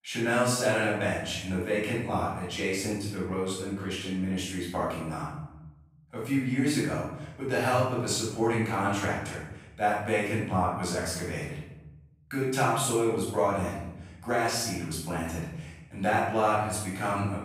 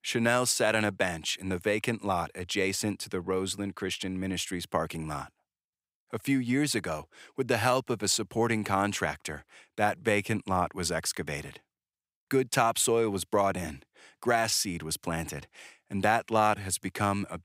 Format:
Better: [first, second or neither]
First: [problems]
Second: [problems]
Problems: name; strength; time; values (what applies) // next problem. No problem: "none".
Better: second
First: room echo; strong; dies away in 1.1 s // off-mic speech; far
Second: none